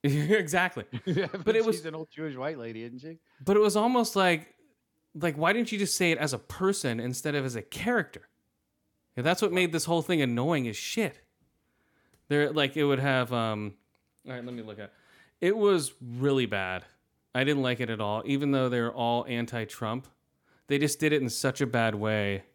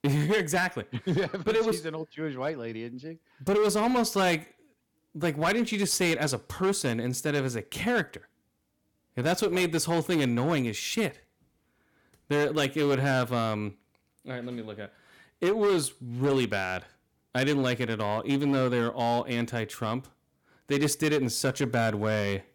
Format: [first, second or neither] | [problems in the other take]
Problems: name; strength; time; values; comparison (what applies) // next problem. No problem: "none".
first | distortion; slight; 8% of the sound clipped